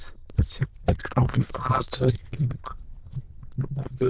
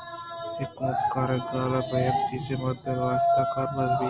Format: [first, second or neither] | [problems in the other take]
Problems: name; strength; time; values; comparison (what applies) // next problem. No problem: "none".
second | noise reduction (neural diffusion model UNIVERSE++)